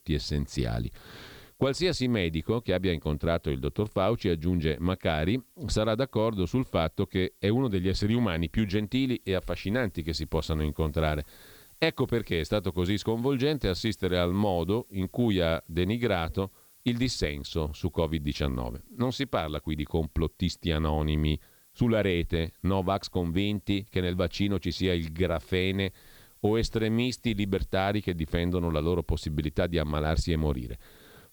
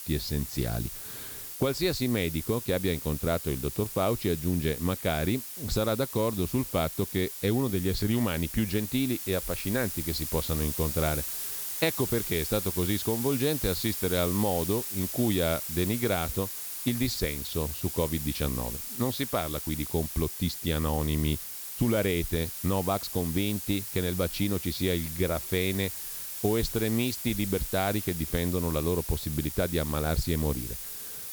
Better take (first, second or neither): first